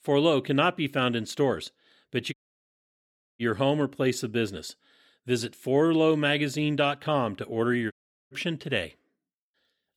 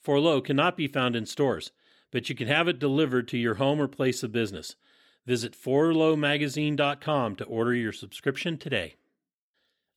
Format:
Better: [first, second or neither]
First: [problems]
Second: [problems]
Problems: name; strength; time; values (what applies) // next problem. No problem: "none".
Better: second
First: audio cutting out; at 2.5 s for 1 s and at 8 s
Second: none